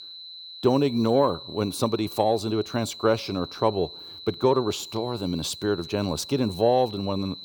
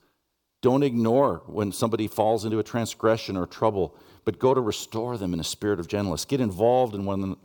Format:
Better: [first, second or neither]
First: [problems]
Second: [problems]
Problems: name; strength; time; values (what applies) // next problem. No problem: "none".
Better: second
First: high-pitched whine; noticeable; throughout; 4 kHz, 15 dB below the speech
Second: none